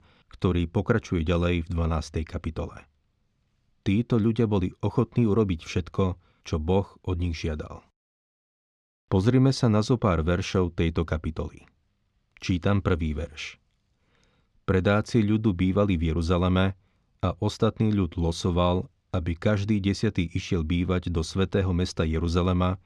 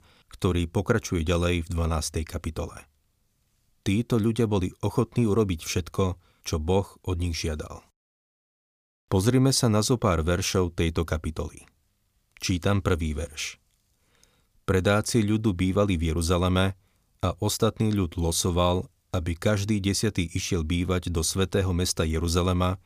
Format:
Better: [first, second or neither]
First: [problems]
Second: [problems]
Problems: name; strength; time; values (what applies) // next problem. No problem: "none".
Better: second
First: muffled; slightly; fading above 3.5 kHz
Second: none